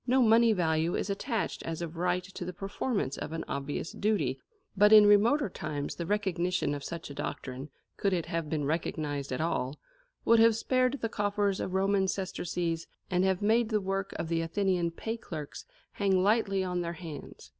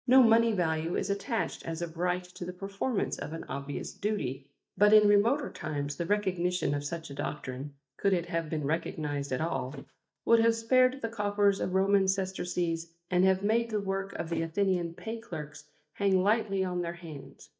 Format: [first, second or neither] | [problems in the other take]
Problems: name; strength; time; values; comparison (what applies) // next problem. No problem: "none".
first | noise reduction (neural mask model DeepFilterNet 3)